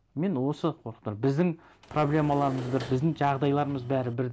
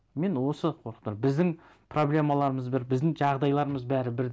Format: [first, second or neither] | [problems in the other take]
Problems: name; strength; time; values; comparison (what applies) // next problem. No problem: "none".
second | background sound (Engine / Mechanisms); 16 dB below the speech